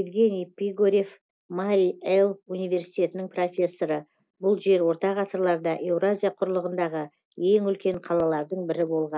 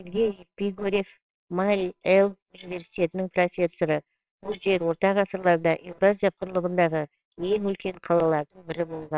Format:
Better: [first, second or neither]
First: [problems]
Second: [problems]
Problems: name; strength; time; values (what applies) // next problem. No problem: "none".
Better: first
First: none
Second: noise reduction (neural separator model SepFormer WHAMR!)